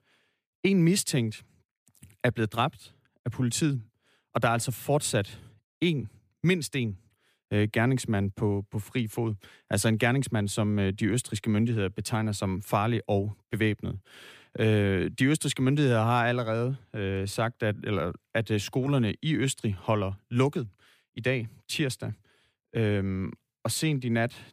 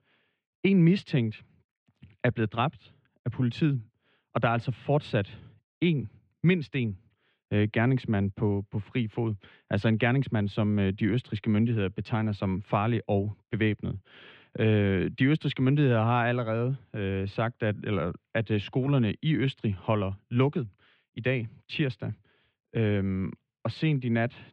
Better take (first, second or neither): first